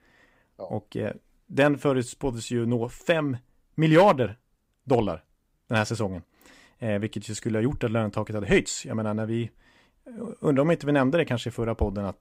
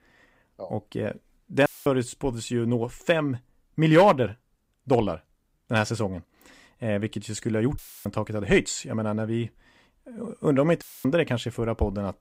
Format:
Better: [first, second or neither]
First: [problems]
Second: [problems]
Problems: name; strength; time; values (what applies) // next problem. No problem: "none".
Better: first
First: none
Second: audio cutting out; filled with static; at 1.5 s, at 8 s and at 11 s